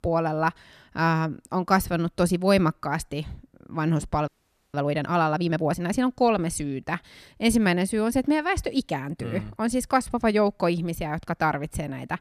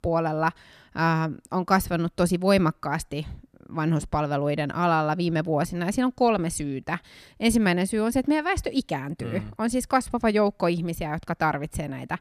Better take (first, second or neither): second